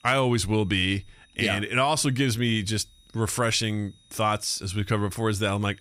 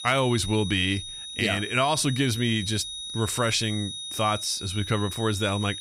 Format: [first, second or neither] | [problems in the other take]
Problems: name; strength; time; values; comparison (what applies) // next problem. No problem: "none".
first | high-pitched whine; loud; throughout; 4 kHz, 8 dB below the speech; faint in the first